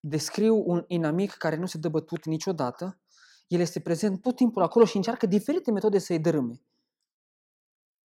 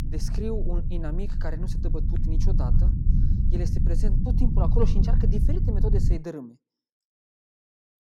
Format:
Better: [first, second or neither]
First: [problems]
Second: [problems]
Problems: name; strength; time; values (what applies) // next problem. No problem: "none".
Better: first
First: none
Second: low rumble; loud; until 6 s; 4 dB below the speech